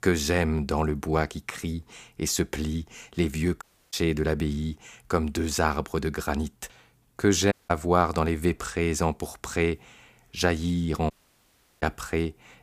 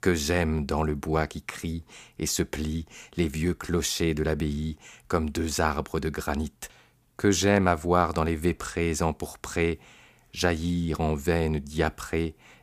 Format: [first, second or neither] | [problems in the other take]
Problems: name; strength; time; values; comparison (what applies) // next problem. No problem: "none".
second | audio cutting out; at 3.5 s, at 7.5 s and at 11 s for 0.5 s